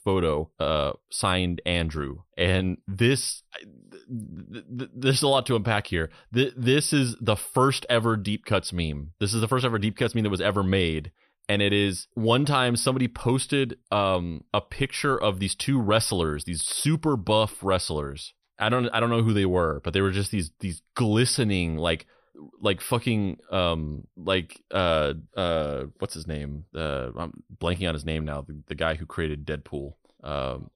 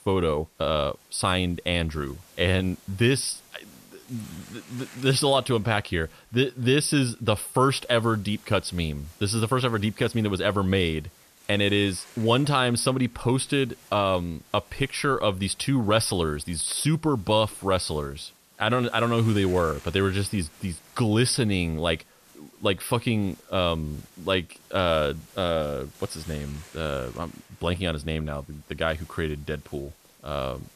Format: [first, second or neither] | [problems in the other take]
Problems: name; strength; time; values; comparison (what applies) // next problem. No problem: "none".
first | hiss; faint; throughout; 25 dB below the speech